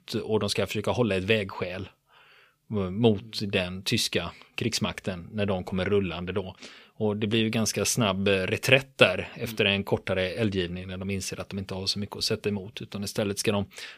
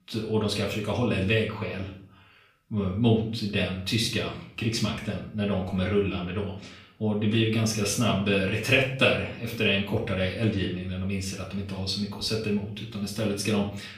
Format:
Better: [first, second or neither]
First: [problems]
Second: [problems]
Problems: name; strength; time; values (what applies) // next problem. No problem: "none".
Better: first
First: none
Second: off-mic speech; far // room echo; slight; dies away in 0.5 s